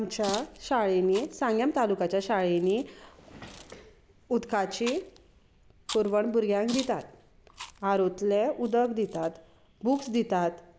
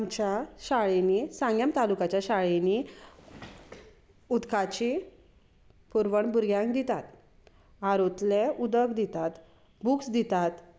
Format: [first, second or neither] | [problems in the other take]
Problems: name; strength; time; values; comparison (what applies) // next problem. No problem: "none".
second | background sound (Chewing, mastication); 18 dB below the speech